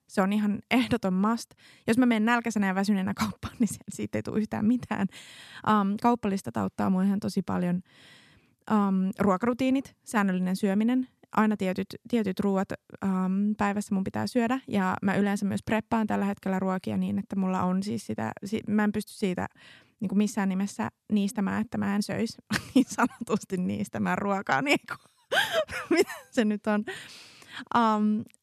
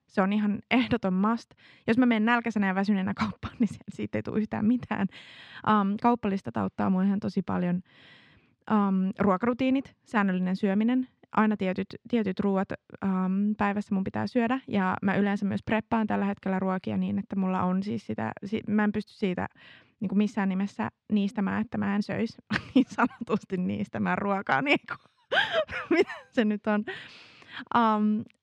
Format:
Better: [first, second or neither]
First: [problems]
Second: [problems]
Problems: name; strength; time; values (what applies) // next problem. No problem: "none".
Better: first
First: none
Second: muffled; slightly; fading above 3 kHz